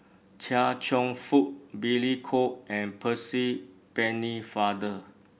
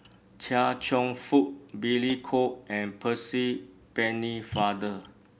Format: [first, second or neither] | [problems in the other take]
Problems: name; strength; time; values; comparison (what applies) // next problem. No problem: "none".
first | background sound (Splash, splatter); 20 dB below the speech